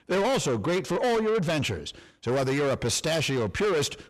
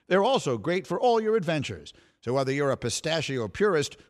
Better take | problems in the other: second | distortion; heavy; 7 dB below the speech

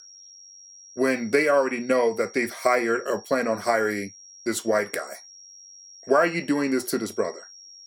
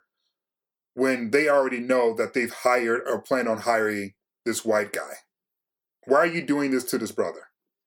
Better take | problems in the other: second | high-pitched whine; faint; throughout; 5.5 kHz, 20 dB below the speech

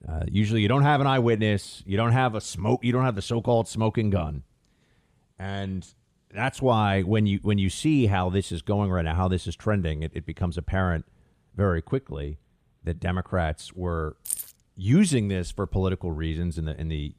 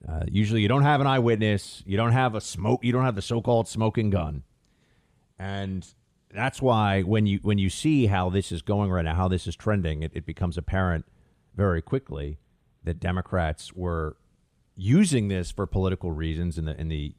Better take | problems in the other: second | jangling keys; noticeable; at 14 s; peak 5 dB below the speech

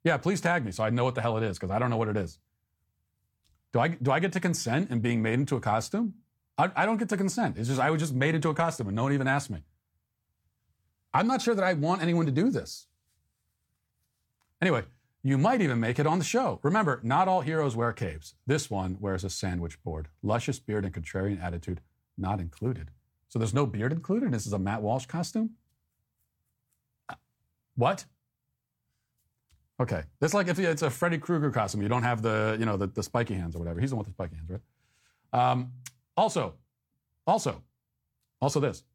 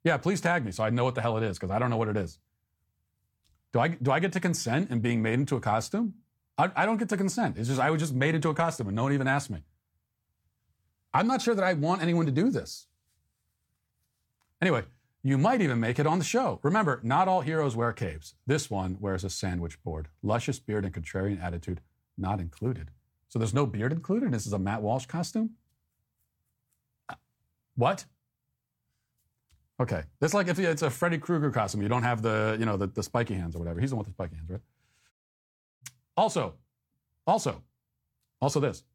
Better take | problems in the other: first | audio cutting out; at 35 s for 0.5 s

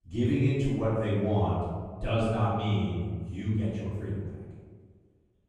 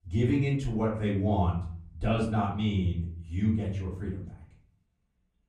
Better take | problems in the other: second | room echo; strong; dies away in 1.4 s; slight in the second // off-mic speech; far; far in the second

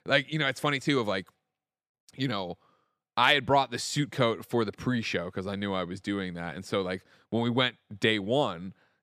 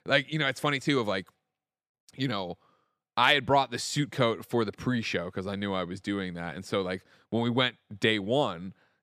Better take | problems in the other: neither | none

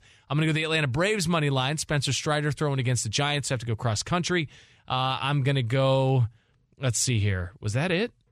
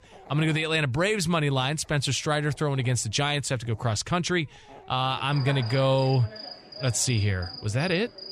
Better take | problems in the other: first | animal sounds; noticeable; throughout; 15 dB below the speech

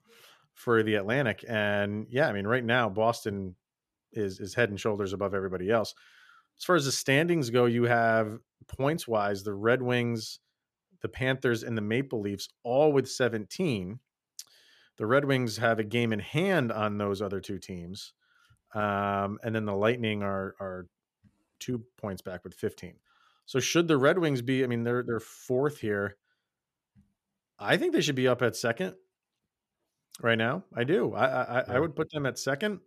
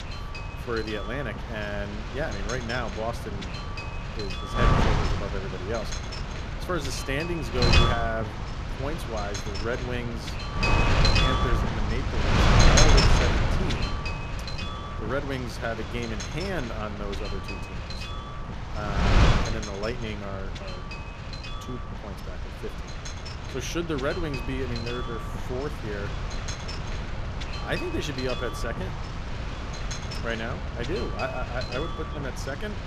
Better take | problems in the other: first | wind noise on the microphone; heavy; 3 dB above the speech

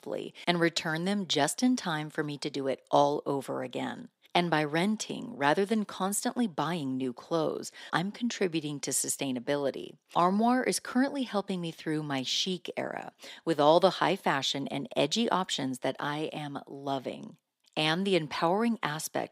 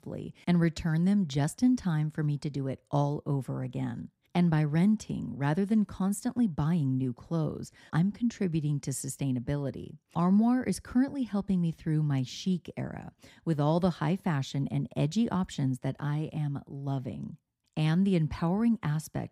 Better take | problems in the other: second | thin; somewhat; fading below 450 Hz

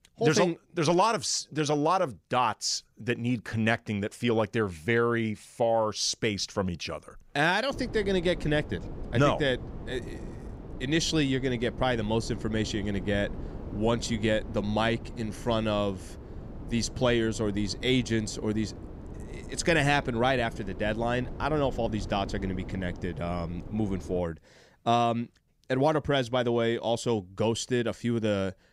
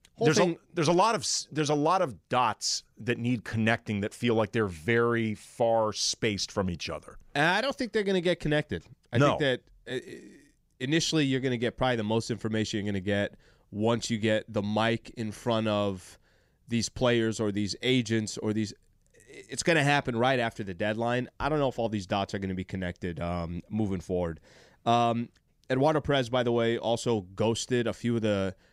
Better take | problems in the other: second | wind noise on the microphone; occasional gusts; from 7.5 to 24 s; 20 dB below the speech

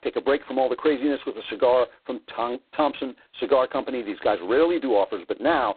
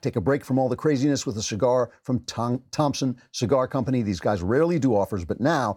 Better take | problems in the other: second | phone-call audio; poor line; nothing above 4 kHz

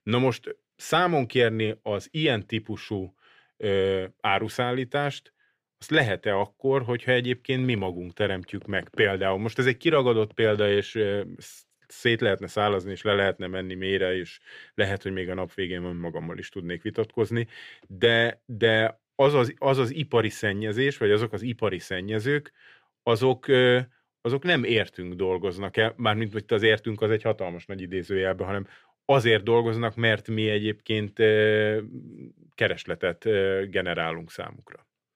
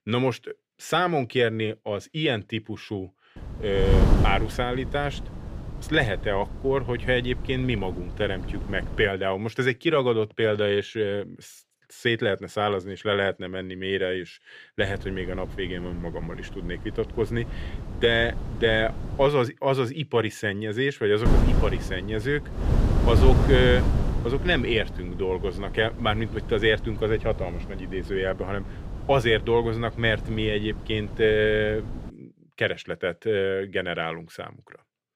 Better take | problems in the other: first | wind noise on the microphone; occasional gusts; from 3.5 to 9 s, from 15 to 19 s and from 21 to 32 s; 10 dB below the speech

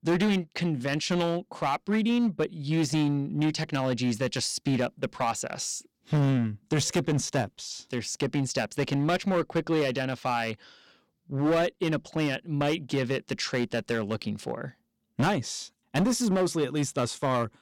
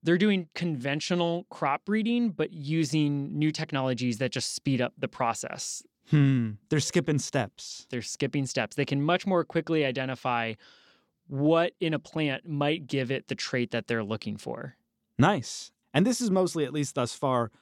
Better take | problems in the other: second | distortion; slight; 8% of the sound clipped

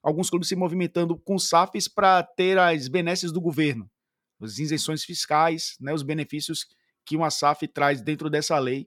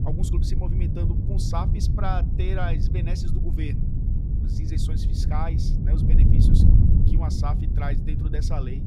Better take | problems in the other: first | wind noise on the microphone; heavy; 1 dB below the speech

